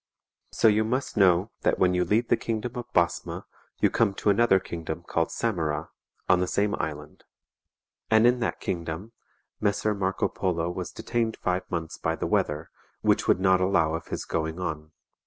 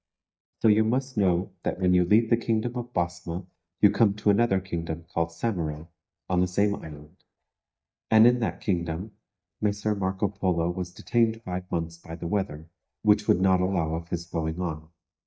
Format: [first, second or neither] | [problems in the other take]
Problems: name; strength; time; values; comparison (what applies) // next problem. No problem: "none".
first | noise reduction (neural mask model DeepFilterNet 3)